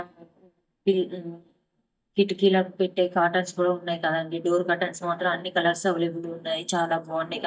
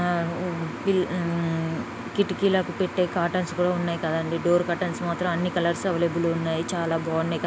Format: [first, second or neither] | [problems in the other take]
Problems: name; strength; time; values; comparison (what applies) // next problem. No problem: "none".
second | noise reduction (neural mask model DeepFilterNet 3)